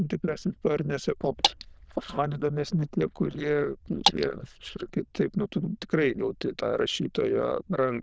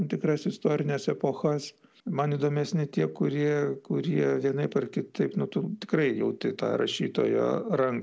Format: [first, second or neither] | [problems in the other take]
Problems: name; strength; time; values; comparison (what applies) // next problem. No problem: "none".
second | noise reduction (neural diffusion model UNIVERSE++)